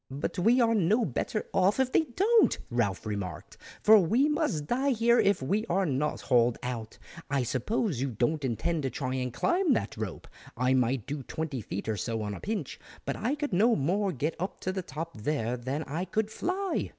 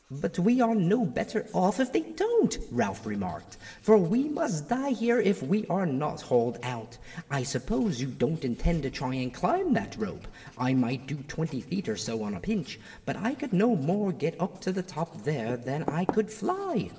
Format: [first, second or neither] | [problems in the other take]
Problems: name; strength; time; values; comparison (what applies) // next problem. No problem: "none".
first | background sound (Writing); 20 dB below the speech // room echo; dies away in 1.8 s